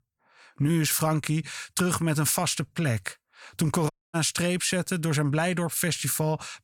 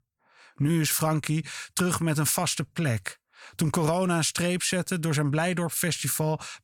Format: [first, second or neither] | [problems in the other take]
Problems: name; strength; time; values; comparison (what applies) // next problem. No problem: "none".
second | audio cutting out; at 4 s